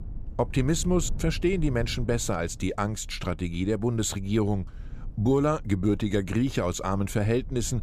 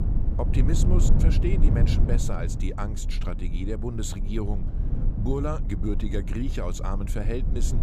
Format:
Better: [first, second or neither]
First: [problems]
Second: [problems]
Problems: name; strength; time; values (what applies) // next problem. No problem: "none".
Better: first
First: low rumble; faint; throughout; 25 dB below the speech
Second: low rumble; loud; throughout; 5 dB below the speech